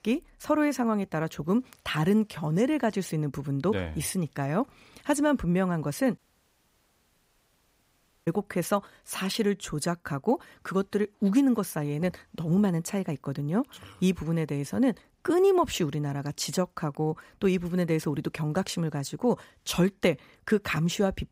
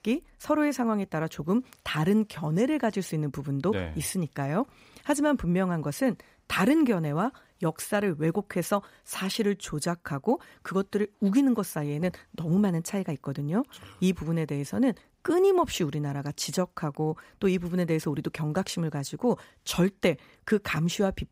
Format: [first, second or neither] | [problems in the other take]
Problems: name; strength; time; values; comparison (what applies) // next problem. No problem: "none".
second | audio cutting out; at 6 s for 2 s